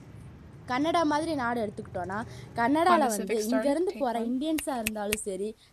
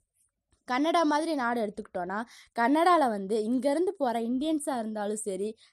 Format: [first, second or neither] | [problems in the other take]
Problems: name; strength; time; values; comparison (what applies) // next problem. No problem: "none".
second | traffic noise; loud; throughout; 7 dB below the speech